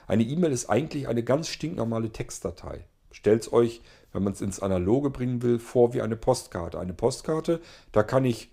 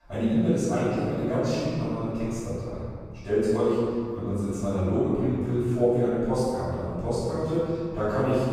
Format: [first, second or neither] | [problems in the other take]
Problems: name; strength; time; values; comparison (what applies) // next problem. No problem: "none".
first | off-mic speech; far // room echo; strong; dies away in 2.7 s